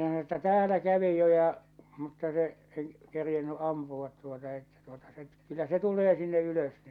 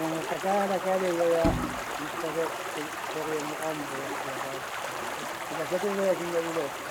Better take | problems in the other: first | background sound (Bowed string instrument + Stream); 2 dB below the speech

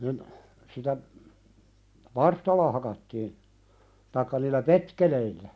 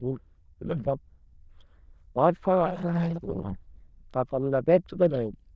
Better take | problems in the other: first | noise reduction (neural diffusion model UNIVERSE++)

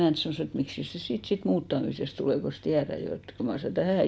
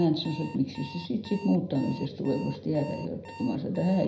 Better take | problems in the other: first | background sound (Alarm); 18 dB below the speech // room echo; dies away in 0.7 s

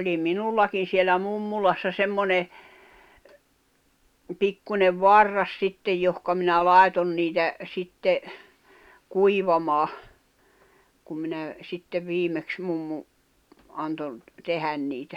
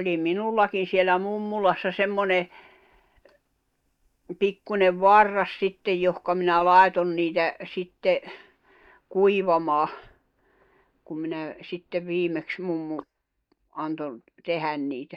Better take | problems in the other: first | noise reduction (neural mask model DeepFilterNet 3)

